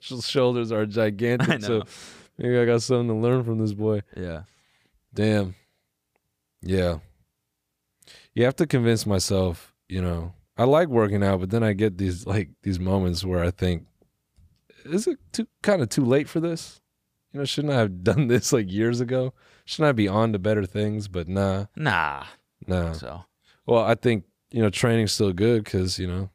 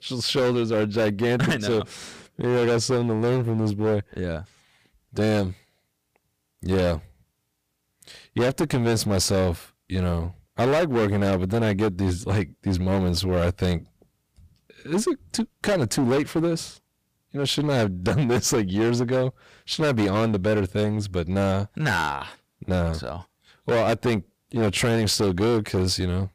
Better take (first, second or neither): first